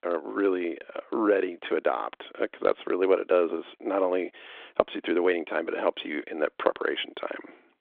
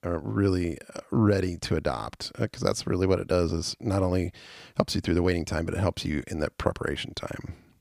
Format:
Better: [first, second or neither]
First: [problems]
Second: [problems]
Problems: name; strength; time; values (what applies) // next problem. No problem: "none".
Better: second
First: phone-call audio; nothing above 3.5 kHz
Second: none